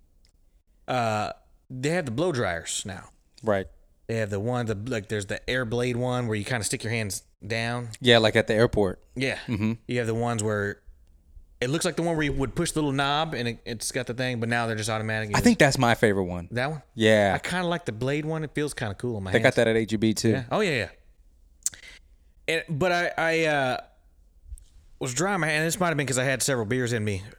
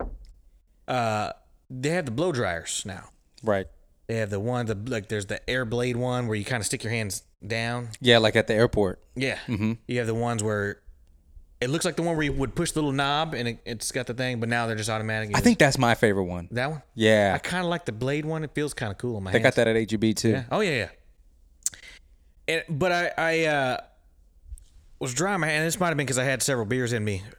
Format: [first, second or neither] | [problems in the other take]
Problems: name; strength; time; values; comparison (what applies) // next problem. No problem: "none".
first | door banging; faint; at the start; peak 15 dB below the speech